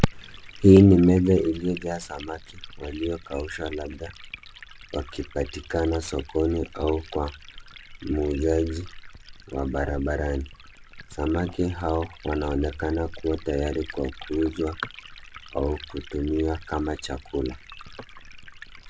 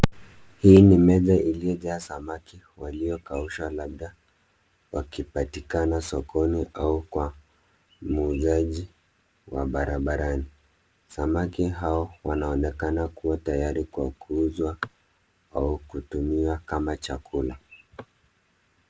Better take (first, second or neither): second